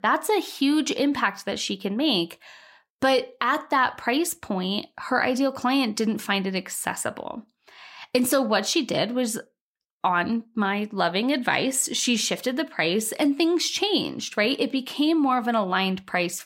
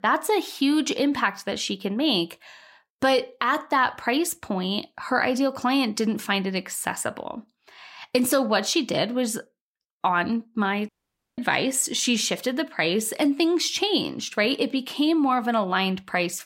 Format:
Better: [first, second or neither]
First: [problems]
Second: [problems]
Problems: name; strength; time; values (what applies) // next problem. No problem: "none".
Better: first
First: none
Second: audio cutting out; at 11 s